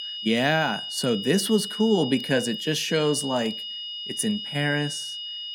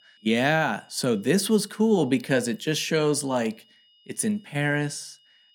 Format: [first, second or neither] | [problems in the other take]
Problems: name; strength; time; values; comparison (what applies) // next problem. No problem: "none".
second | high-pitched whine; loud; throughout; 3 kHz, 7 dB below the speech; faint in the second